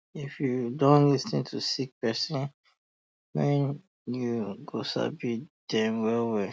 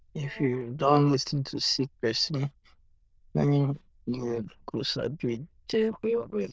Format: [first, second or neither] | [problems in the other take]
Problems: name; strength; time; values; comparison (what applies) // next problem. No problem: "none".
first | noise reduction (neural diffusion model UNIVERSE++)